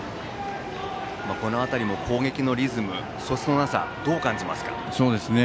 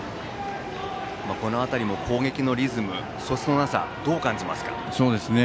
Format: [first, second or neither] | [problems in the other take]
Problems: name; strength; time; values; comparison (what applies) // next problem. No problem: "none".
second | background sound (Telephone); 17 dB below the speech